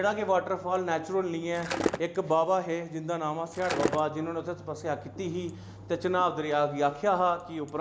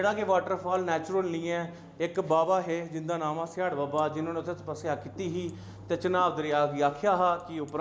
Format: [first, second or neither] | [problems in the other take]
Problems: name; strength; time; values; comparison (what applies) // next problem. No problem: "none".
second | background sound (Skateboard); 1 dB below the speech